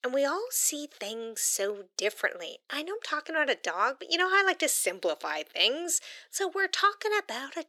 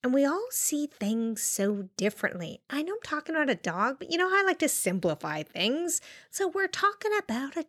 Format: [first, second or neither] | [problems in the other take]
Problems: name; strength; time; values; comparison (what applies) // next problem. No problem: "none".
second | thin; somewhat; fading below 400 Hz